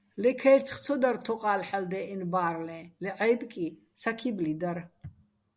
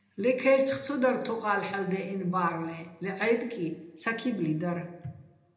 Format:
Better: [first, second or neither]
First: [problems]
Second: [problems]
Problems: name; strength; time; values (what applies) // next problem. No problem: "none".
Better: first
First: none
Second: room echo; dies away in 0.8 s